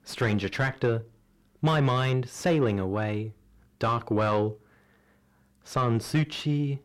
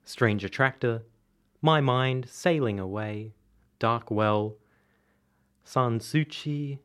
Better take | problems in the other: second | distortion; heavy; 6 dB below the speech

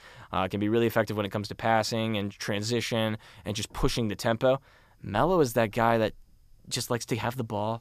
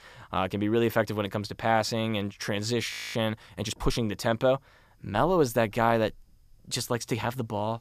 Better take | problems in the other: first | audio freezing; at 3 s

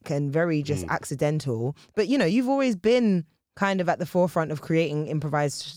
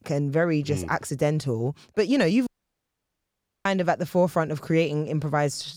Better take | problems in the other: first | audio cutting out; at 2.5 s for 1 s

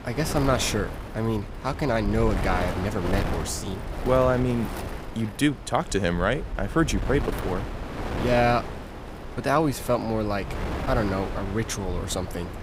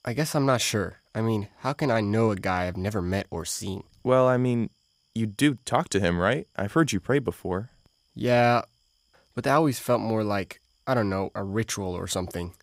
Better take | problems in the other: second | wind noise on the microphone; heavy; 9 dB below the speech

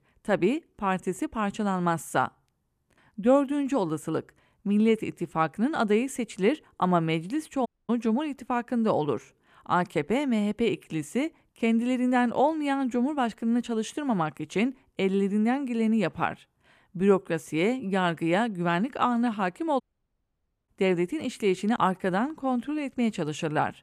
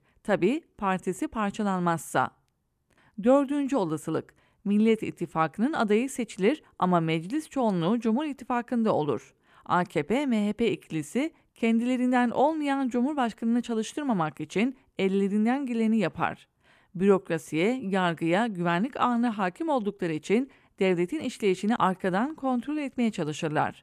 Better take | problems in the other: second | audio cutting out; at 7.5 s and at 20 s for 1 s

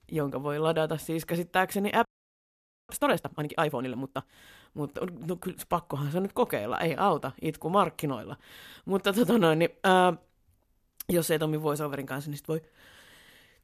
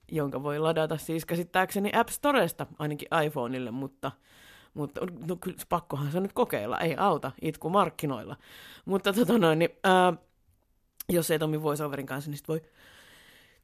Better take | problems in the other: second | audio freezing; at 2 s for 1 s

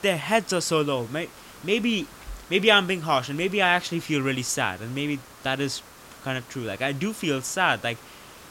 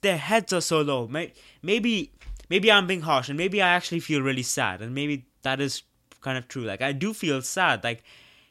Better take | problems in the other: second | hiss; faint; throughout; 20 dB below the speech

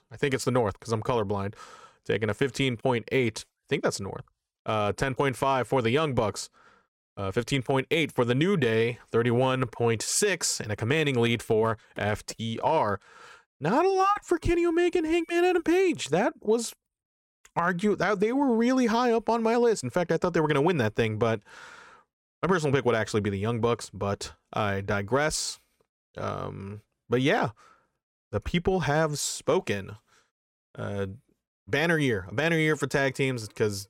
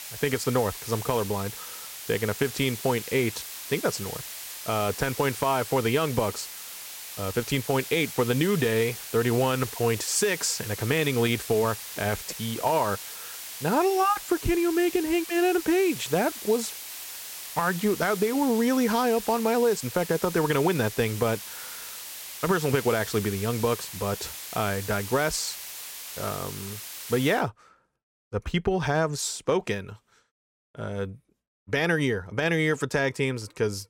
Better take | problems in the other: first | hiss; loud; until 27 s; 10 dB below the speech

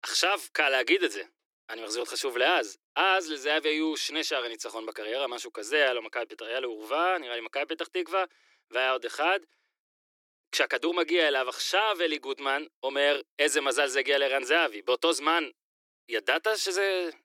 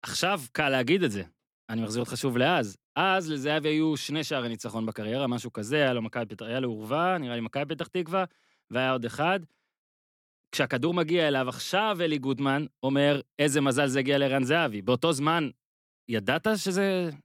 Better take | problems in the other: second | thin; very; fading below 300 Hz

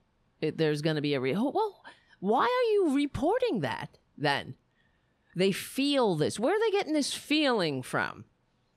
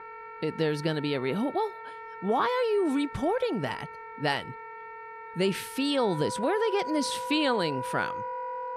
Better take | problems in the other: first | background music; loud; throughout; 10 dB below the speech

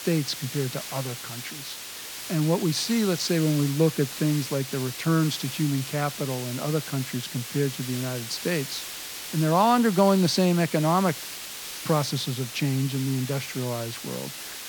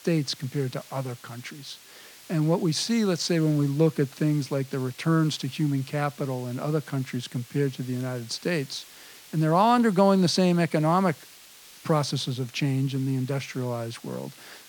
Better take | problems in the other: second | hiss; loud; throughout; 9 dB below the speech; faint in the second

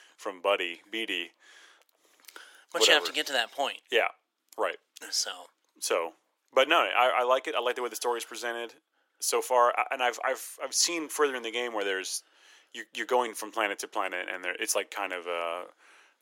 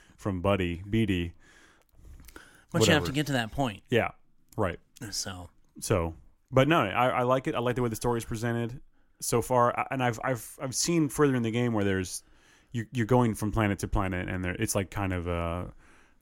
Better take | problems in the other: second | thin; very; fading below 450 Hz

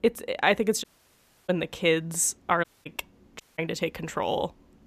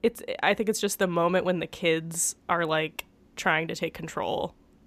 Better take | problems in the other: second | audio cutting out; at 1 s for 0.5 s, at 2.5 s and at 3.5 s

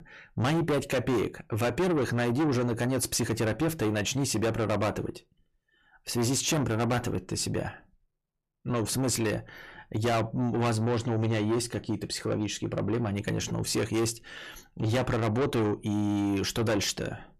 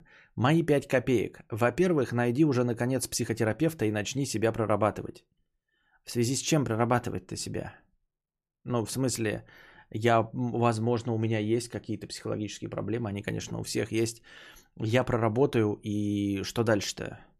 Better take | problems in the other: second | distortion; heavy; 6 dB below the speech

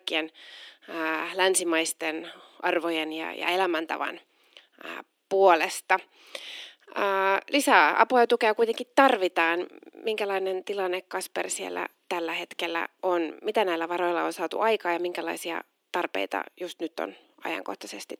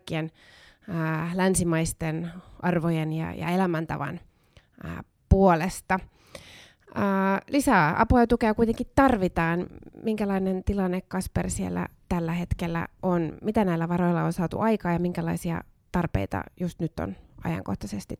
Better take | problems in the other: second | thin; very; fading below 300 Hz

